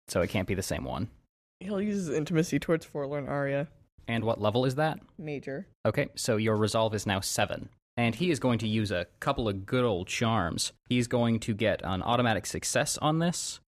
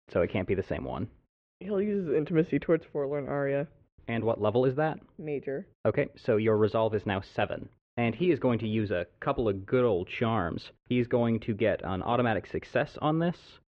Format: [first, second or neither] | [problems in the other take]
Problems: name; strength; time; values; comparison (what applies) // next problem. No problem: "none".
first | muffled; very; fading above 3 kHz